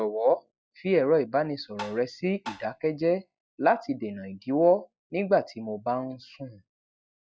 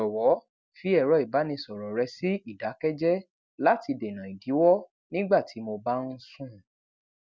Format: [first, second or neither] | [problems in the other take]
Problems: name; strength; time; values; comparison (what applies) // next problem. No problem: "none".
second | noise reduction (classical method log-MMSE)